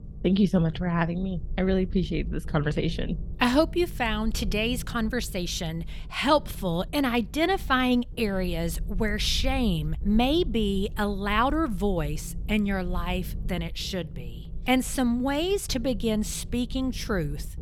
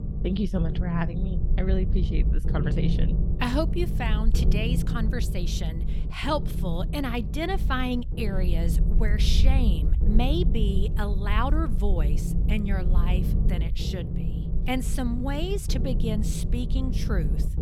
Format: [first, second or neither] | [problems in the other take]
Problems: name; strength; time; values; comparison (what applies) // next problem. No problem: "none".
first | low rumble; loud; throughout; 8 dB below the speech; faint in the first